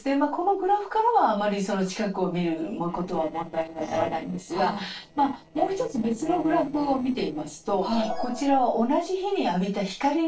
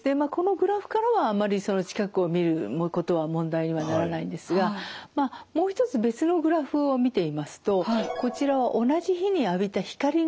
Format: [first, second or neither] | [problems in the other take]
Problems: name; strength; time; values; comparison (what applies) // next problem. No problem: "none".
second | noise reduction (neural separator model SepFormer DNS4)